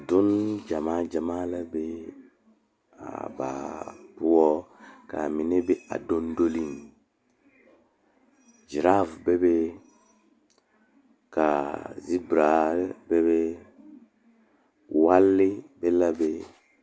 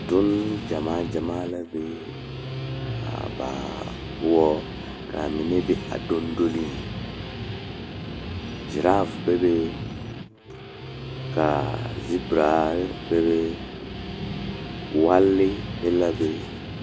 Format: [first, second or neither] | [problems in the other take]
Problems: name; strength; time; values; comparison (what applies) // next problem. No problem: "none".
first | background sound (Guitar); 7 dB below the speech